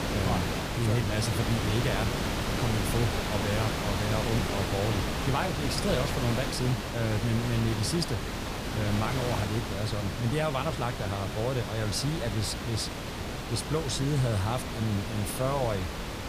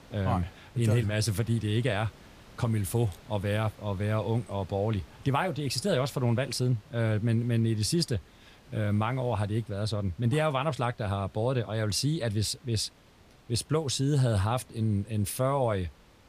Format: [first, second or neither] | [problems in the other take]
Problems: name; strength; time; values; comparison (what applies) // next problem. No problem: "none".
second | hiss; loud; throughout; 2 dB below the speech; faint in the second